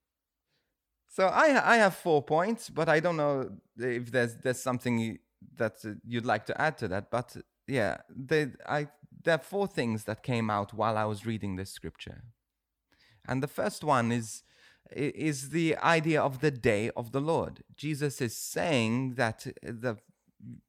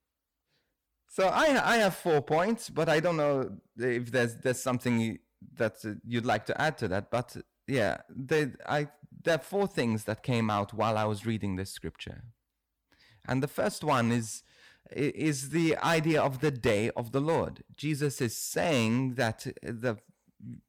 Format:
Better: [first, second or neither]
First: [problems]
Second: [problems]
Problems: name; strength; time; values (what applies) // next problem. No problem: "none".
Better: first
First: none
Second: distortion; slight; 5% of the sound clipped